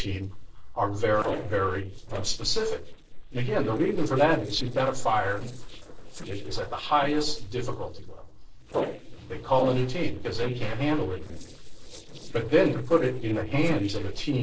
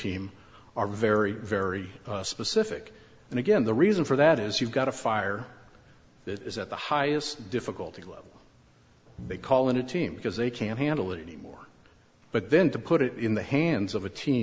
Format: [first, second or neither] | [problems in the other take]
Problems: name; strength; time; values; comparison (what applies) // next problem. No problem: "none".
second | noise reduction (neural separator model SepFormer DNS4)